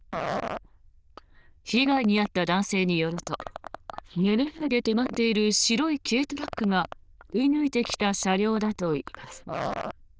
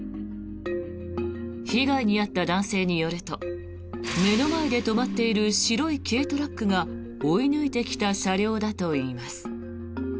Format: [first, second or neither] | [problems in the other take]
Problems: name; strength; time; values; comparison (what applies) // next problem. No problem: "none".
second | noise reduction (neural diffusion model UNIVERSE++)